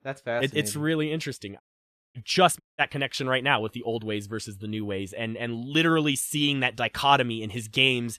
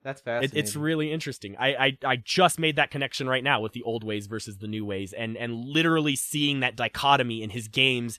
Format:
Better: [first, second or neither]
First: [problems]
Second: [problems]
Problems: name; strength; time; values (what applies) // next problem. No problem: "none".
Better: second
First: audio cutting out; at 1.5 s for 0.5 s and at 2.5 s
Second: none